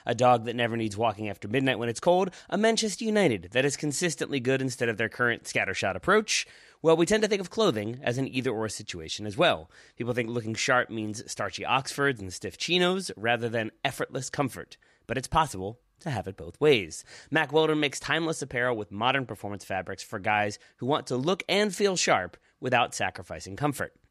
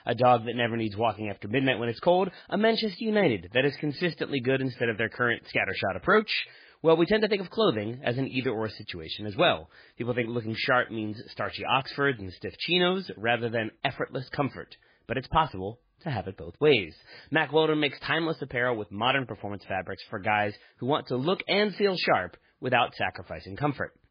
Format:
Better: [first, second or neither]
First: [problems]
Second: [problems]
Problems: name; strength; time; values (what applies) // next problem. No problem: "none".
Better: first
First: none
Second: garbled, watery; badly; nothing above 4.5 kHz